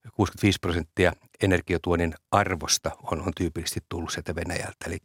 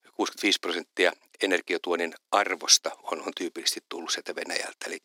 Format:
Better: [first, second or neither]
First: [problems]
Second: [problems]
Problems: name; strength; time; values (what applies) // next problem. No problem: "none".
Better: first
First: none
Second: thin; somewhat; fading below 300 Hz